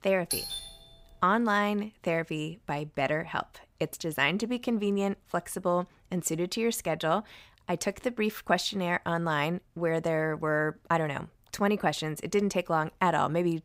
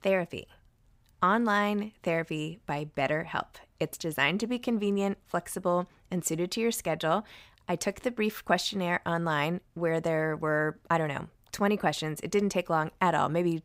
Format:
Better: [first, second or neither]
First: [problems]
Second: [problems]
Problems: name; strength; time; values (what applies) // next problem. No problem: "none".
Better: second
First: doorbell; noticeable; at 0.5 s; peak 2 dB below the speech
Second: none